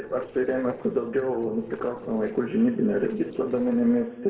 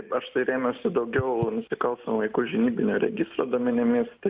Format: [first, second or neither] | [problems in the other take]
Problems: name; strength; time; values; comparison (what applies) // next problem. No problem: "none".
second | noise reduction (neural separator model SepFormer DNS4)